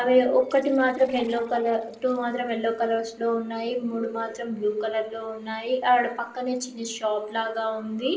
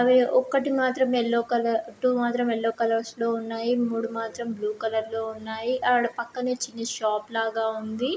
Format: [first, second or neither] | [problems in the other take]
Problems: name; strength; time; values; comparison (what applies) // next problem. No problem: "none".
second | noise reduction (neural separator model SepFormer DNS4)